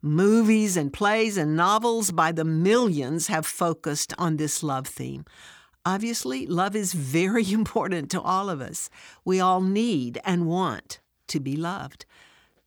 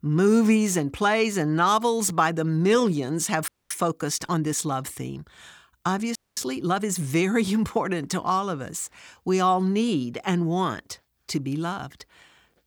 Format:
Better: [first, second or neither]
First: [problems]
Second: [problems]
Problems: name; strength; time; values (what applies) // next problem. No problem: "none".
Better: first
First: none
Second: audio freezing; at 3.5 s and at 6 s